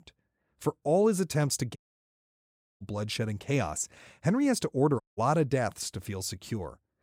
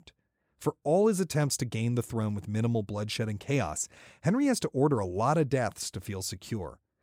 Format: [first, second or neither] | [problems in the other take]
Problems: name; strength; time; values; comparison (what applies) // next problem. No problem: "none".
second | audio cutting out; at 2 s for 1 s and at 5 s